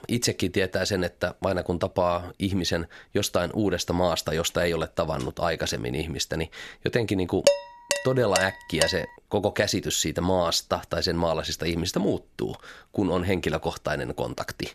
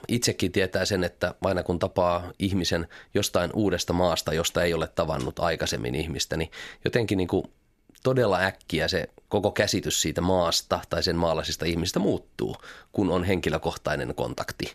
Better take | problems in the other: second | clattering dishes; loud; from 7.5 to 9 s; peak 4 dB above the speech

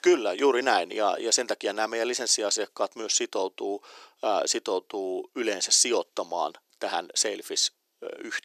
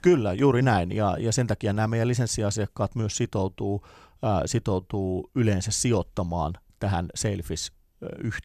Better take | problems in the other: second | thin; very; fading below 350 Hz

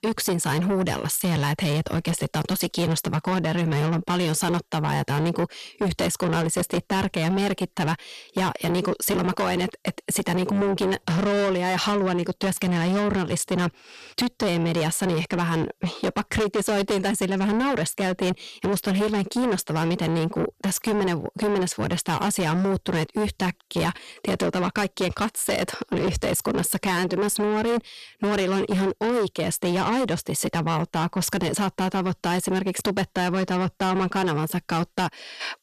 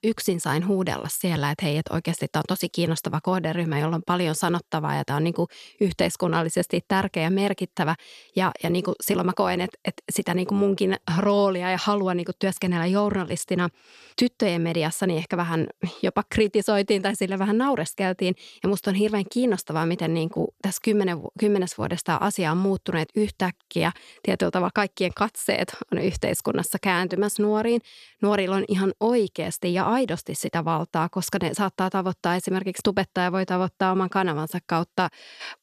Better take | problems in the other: second | distortion; heavy; 7 dB below the speech

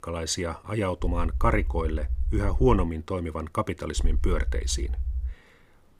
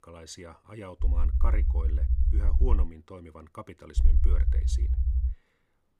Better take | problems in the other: first | low rumble; loud; from 1 to 3 s and from 4 to 5.5 s; 4 dB below the speech; faint in the first

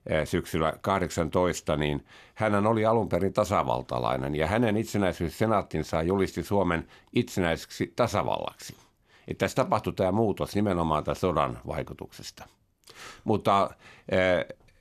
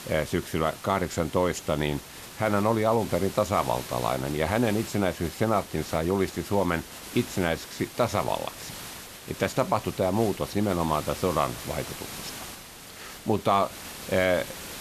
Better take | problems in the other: first | hiss; noticeable; throughout; 10 dB below the speech

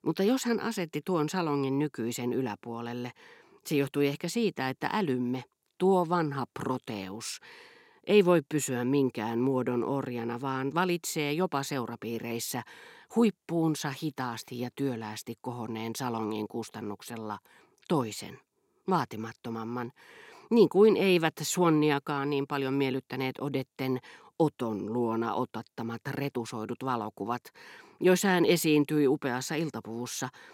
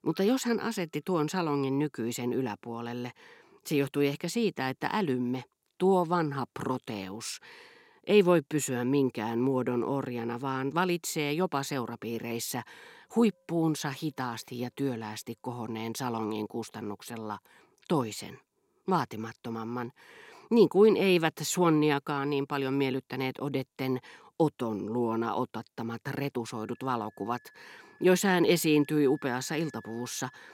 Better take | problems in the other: first | background music; faint; throughout; 30 dB below the speech

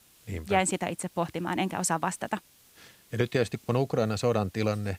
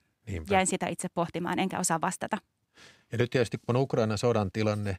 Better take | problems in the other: second | hiss; faint; throughout; 25 dB below the speech

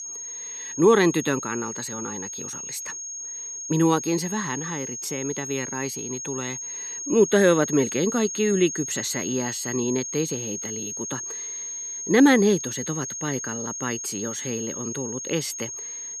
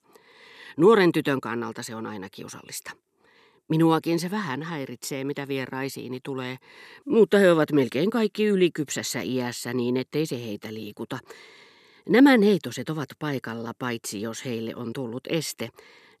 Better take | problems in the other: second | high-pitched whine; loud; throughout; 6.5 kHz, 6 dB below the speech

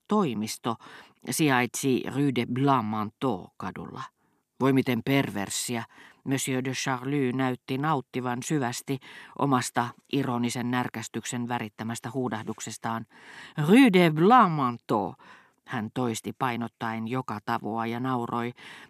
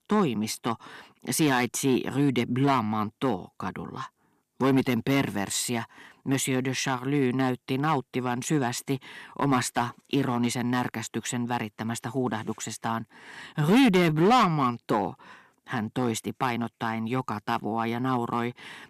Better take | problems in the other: first | distortion; slight; 3% of the sound clipped

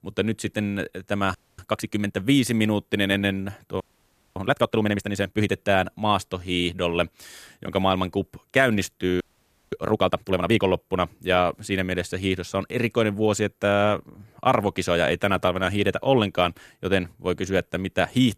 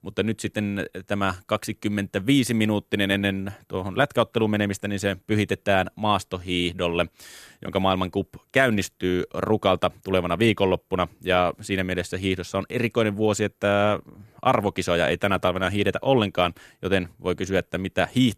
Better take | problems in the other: second | audio freezing; at 1.5 s, at 4 s for 0.5 s and at 9 s for 0.5 s

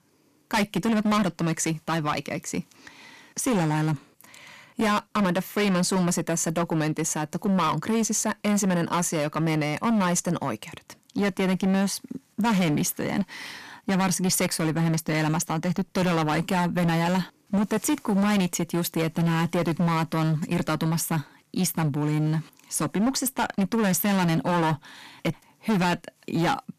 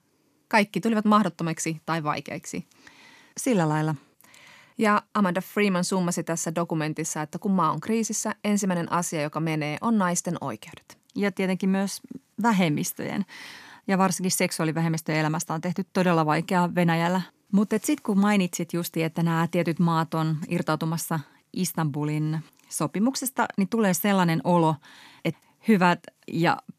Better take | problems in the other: second | distortion; heavy; 17% of the sound clipped

